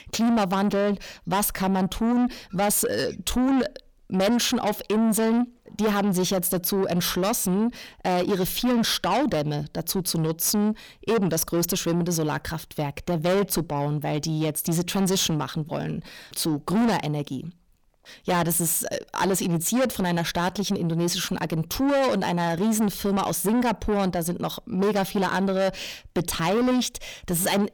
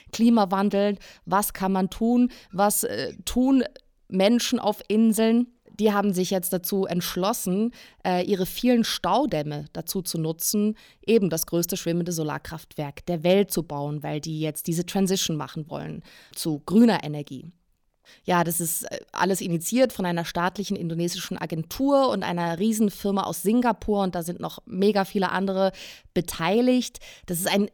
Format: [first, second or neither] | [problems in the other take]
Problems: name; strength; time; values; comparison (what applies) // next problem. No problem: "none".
second | distortion; heavy; 7 dB below the speech